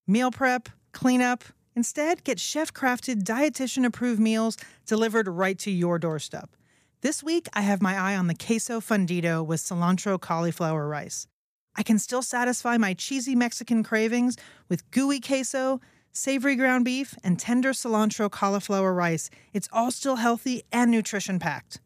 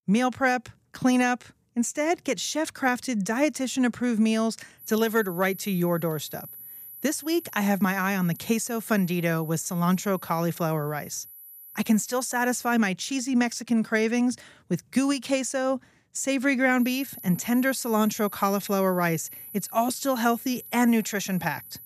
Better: first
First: none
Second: high-pitched whine; noticeable; from 5 to 13 s and from 17 s on; 12 kHz, 15 dB below the speech

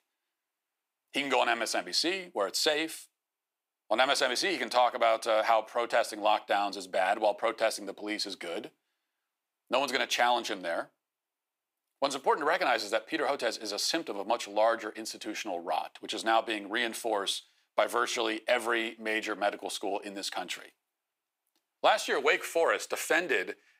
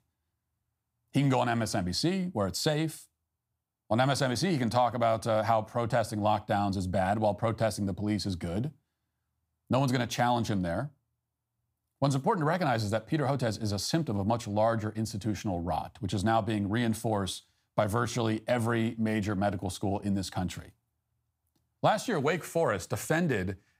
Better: second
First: thin; very; fading below 350 Hz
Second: none

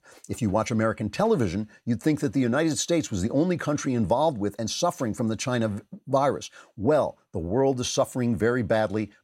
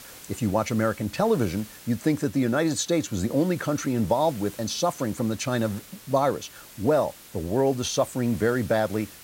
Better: first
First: none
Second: hiss; noticeable; throughout; 20 dB below the speech

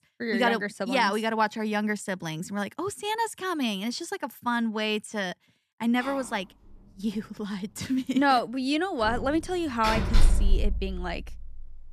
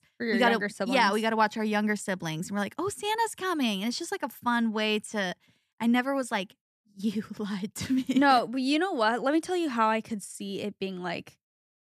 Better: second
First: door banging; loud; from 9 to 11 s; peak 3 dB above the speech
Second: none

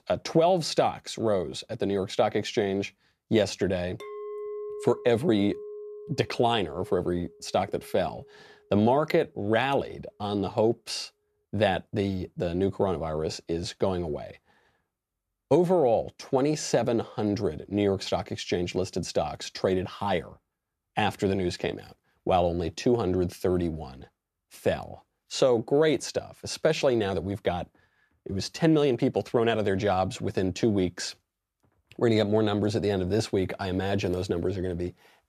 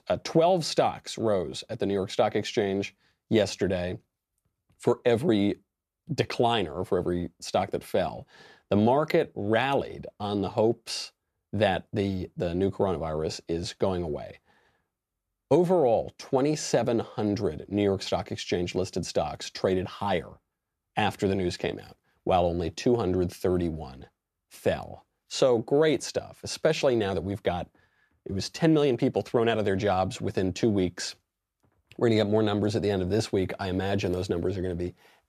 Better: second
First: clattering dishes; noticeable; from 4 to 8.5 s; peak 9 dB below the speech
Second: none

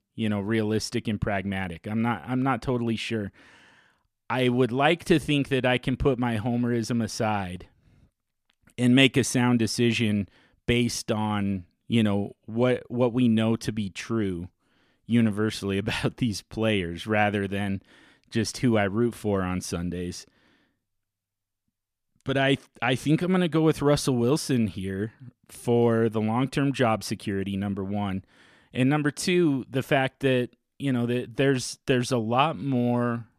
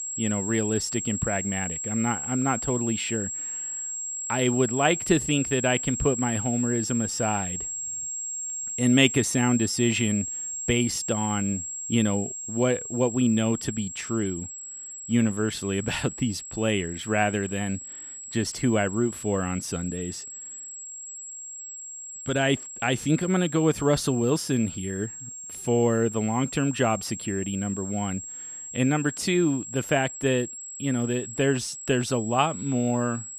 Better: first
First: none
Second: high-pitched whine; loud; throughout; 7.5 kHz, 6 dB below the speech

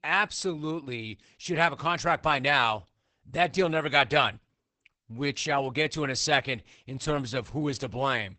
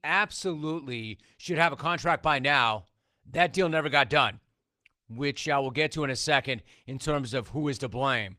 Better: second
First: garbled, watery; badly; nothing above 8 kHz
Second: garbled, watery; slightly; nothing above 14.5 kHz

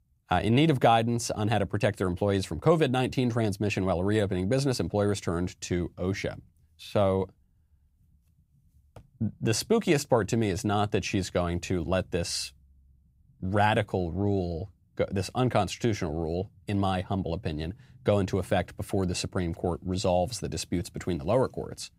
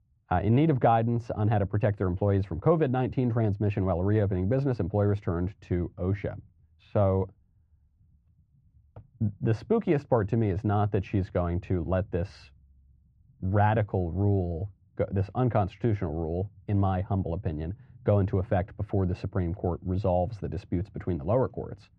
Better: first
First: none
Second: muffled; very; fading above 1.5 kHz

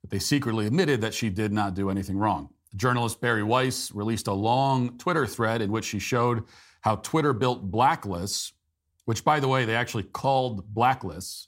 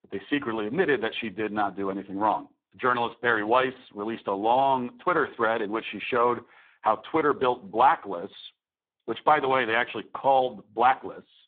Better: first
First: none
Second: phone-call audio; poor line

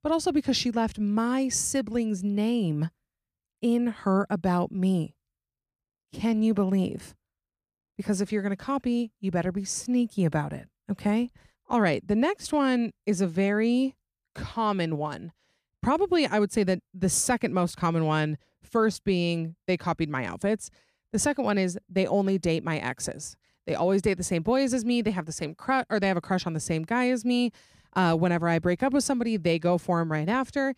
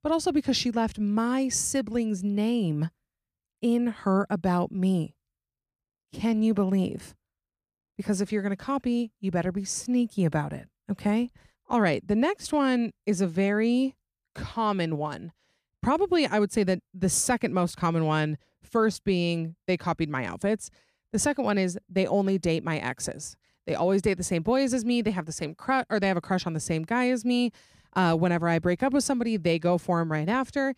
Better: neither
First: none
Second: none

